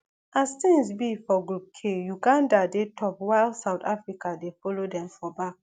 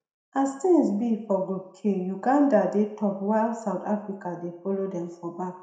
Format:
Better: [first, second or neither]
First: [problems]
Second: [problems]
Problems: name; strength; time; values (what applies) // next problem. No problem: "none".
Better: first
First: none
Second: room echo; dies away in 0.6 s